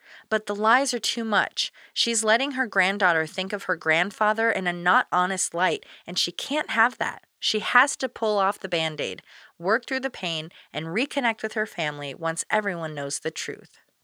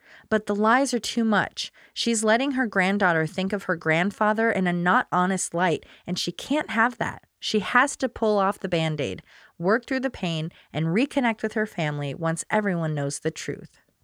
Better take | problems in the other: second | thin; somewhat; fading below 600 Hz

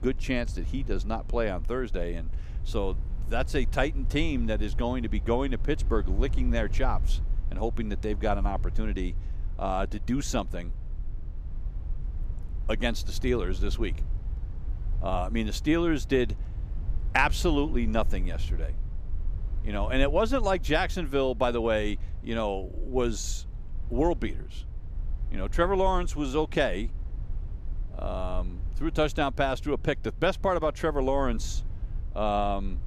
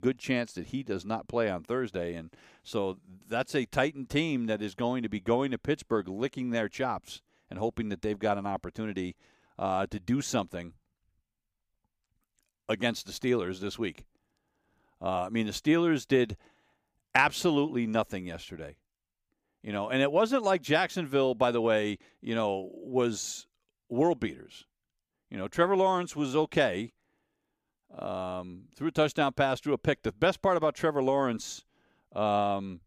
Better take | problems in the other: second | low rumble; faint; throughout; 25 dB below the speech

